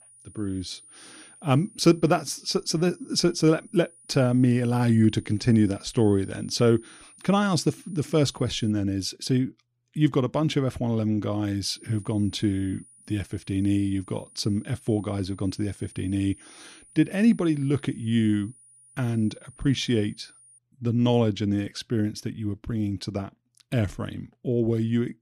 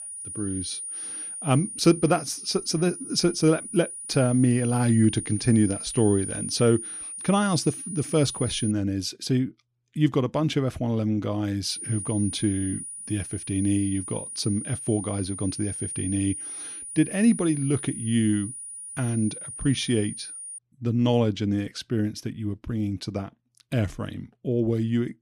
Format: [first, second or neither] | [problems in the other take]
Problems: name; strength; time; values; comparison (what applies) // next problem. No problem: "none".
first | high-pitched whine; loud; until 8.5 s and from 12 to 21 s; 9.5 kHz, 8 dB below the speech; faint in the first